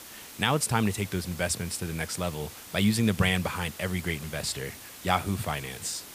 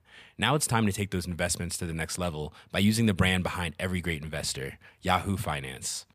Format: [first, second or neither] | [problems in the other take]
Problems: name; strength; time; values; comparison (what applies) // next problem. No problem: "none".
second | hiss; noticeable; throughout; 15 dB below the speech